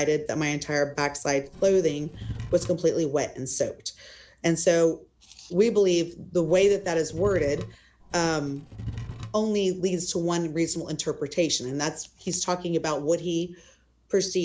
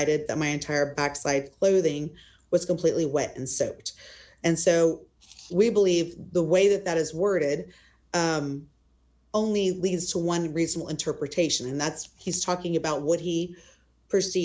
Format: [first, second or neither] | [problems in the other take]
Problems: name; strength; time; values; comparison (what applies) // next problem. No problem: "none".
second | background sound (Wood / Tools); 12 dB below the speech